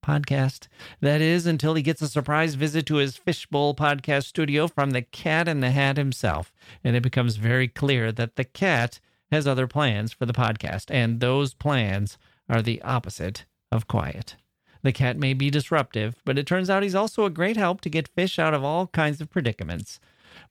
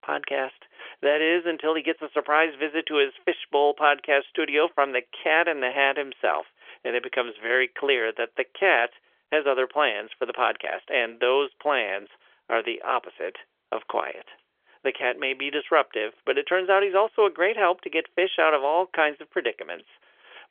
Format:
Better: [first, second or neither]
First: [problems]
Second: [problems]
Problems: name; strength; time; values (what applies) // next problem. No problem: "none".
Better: first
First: none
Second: phone-call audio; nothing above 3.5 kHz